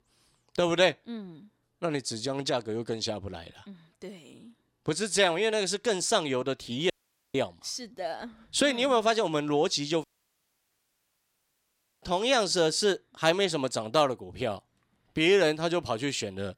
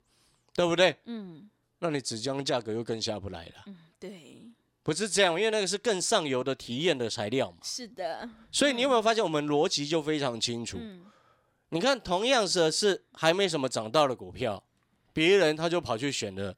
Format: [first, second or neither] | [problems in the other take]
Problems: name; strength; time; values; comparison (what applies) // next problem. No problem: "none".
second | audio cutting out; at 7 s and at 10 s for 2 s